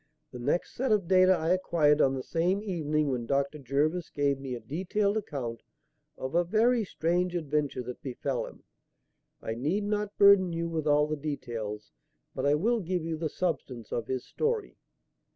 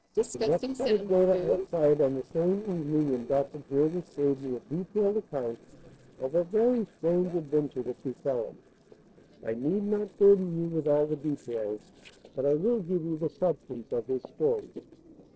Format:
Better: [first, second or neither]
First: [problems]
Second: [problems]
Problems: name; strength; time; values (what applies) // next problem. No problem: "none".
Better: first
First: none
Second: noise reduction (neural separator model SepFormer DNS4)